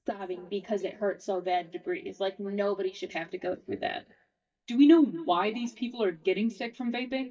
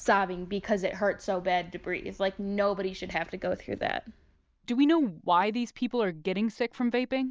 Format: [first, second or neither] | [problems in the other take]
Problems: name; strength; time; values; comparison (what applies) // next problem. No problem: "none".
second | noise reduction (neural mask model DeepFilterNet 3)